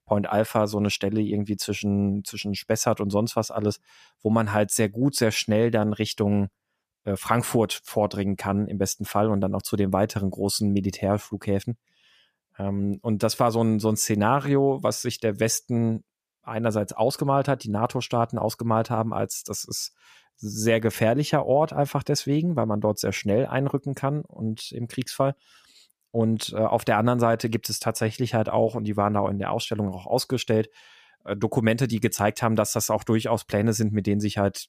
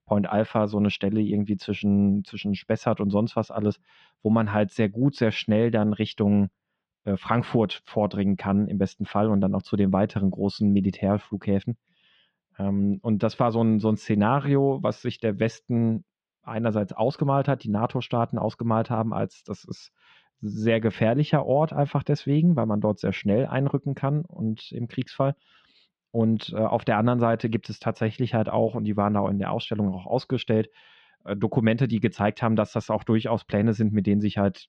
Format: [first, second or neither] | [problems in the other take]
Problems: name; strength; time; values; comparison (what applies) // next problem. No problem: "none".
first | muffled; slightly; fading above 3.5 kHz